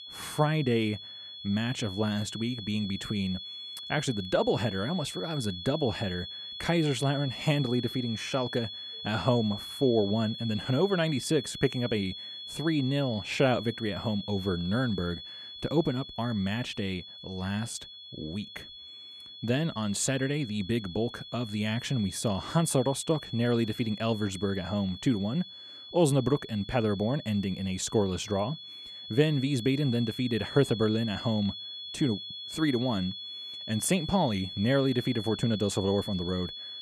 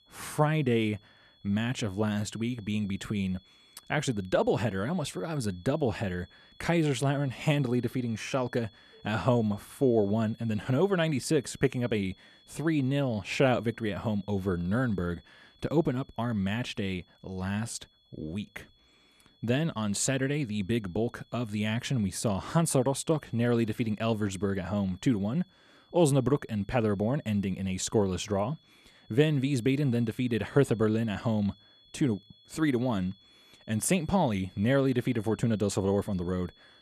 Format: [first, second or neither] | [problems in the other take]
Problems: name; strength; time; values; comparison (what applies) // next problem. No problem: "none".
second | high-pitched whine; loud; throughout; 3.5 kHz, 10 dB below the speech; faint in the second